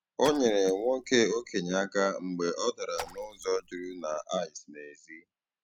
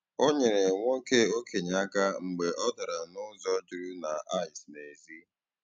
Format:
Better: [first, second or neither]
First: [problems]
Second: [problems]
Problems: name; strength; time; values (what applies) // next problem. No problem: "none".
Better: second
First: background sound (Raindrop / Splash, splatter); 16 dB below the speech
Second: none